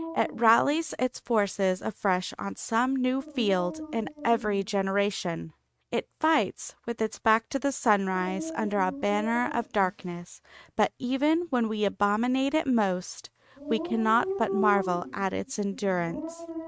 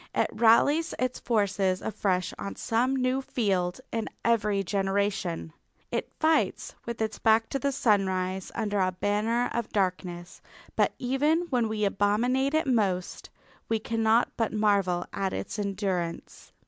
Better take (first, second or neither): second